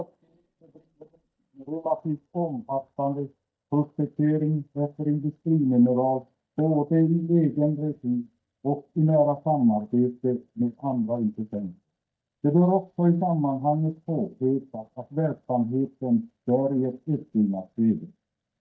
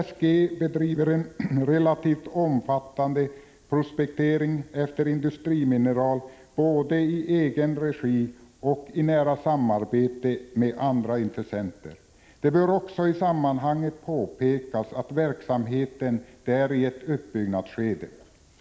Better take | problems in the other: second | noise reduction (neural mask model DeepFilterNet 3)

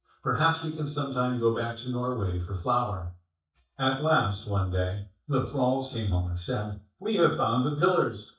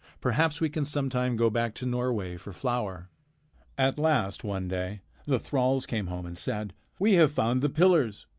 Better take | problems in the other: second | noise reduction (neural mask model DeepFilterNet 3)

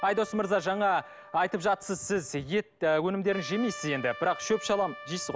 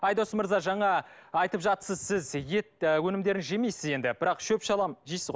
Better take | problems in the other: second | background sound (Trumpet); 16 dB below the speech

